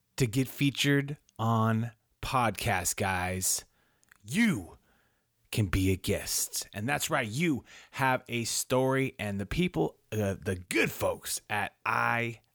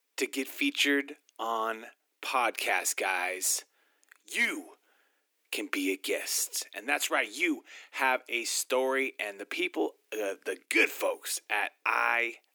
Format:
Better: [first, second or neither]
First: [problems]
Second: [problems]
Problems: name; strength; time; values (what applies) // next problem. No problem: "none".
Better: first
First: none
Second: thin; somewhat; fading below 300 Hz